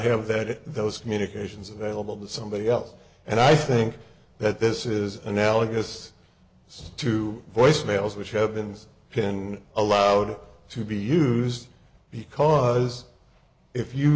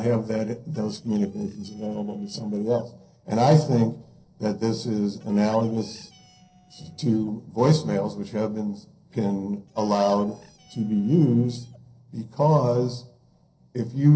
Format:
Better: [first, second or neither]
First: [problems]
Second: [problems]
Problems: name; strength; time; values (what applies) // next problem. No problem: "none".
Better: first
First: none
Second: noise reduction (neural separator model SepFormer DNS4)